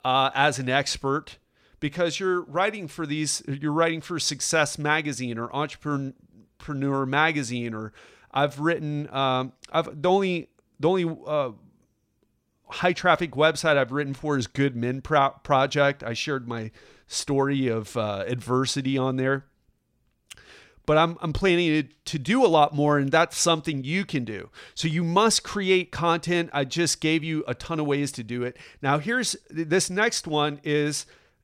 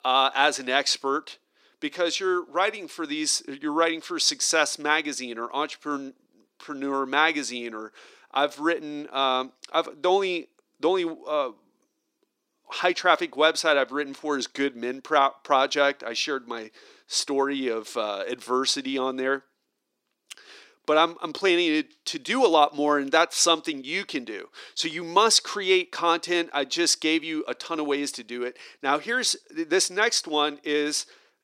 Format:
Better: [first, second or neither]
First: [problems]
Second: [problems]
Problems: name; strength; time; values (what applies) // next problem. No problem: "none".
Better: first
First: none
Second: thin; very slightly; fading below 300 Hz